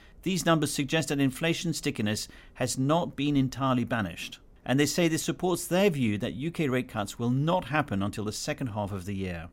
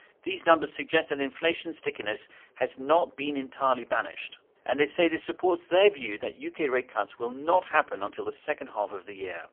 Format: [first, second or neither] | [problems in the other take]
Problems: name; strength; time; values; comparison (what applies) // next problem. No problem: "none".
first | phone-call audio; poor line; nothing above 3 kHz